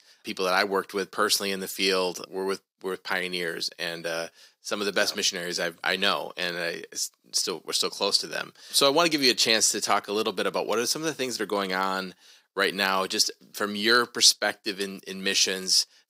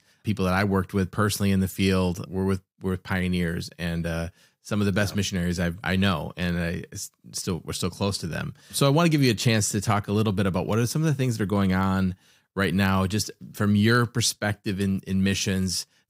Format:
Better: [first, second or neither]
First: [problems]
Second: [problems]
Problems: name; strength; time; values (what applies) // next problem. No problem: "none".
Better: second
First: thin; very; fading below 350 Hz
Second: none